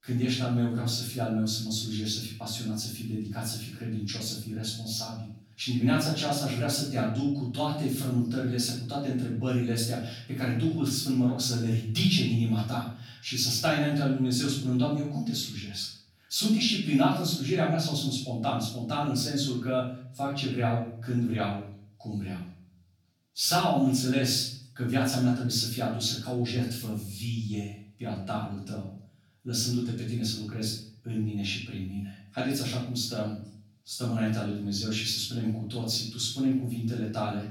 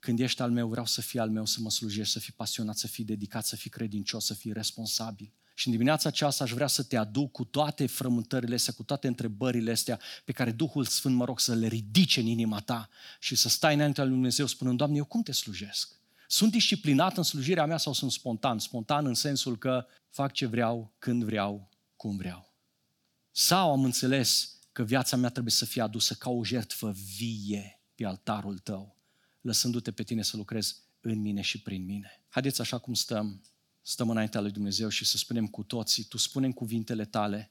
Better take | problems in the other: second | off-mic speech; far // room echo; noticeable; dies away in 0.5 s

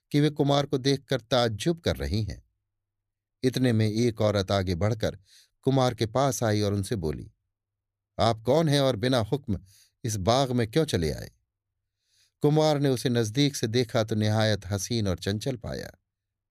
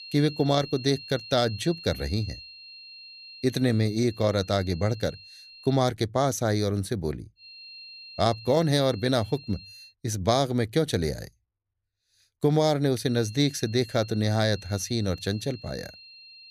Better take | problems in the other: first | high-pitched whine; noticeable; until 6 s, from 7.5 to 10 s and from 13 s on; 4 kHz, 15 dB below the speech

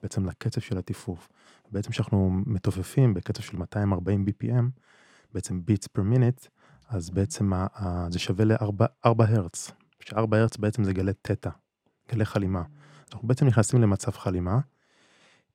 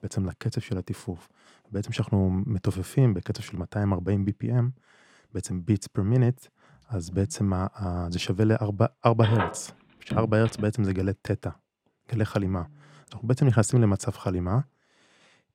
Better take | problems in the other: first | phone ringing; noticeable; from 9 to 11 s; peak 4 dB below the speech

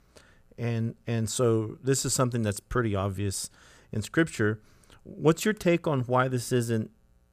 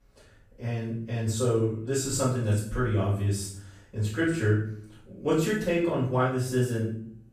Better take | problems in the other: first | off-mic speech; far // room echo; noticeable; dies away in 0.5 s

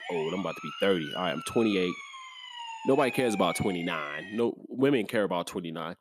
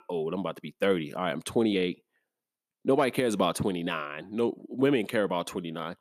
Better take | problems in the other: second | siren; noticeable; until 4.5 s; peak 8 dB below the speech

